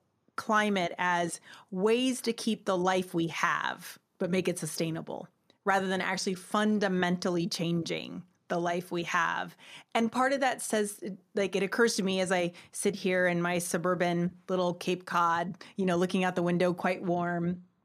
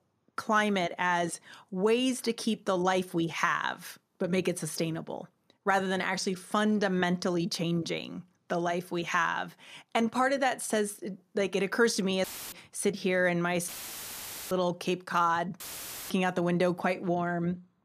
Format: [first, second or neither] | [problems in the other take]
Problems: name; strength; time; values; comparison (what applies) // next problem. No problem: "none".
first | audio cutting out; filled with static; at 12 s, at 14 s for 1 s and at 16 s for 0.5 s